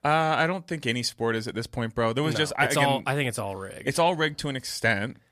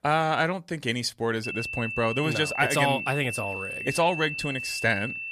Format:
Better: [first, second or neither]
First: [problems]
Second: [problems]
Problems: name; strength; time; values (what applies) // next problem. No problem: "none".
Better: first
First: none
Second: high-pitched whine; loud; from 1.5 s on; 2.5 kHz, 5 dB below the speech